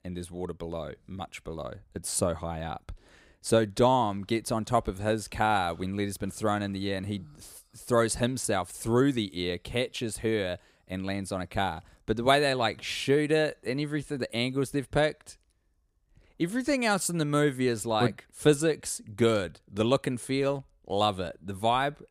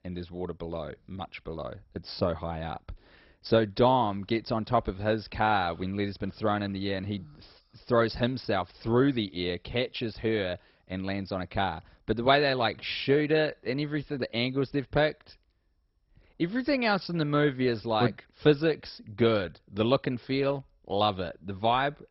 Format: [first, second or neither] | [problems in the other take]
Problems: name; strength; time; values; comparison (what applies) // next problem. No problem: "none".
first | garbled, watery; badly; nothing above 5.5 kHz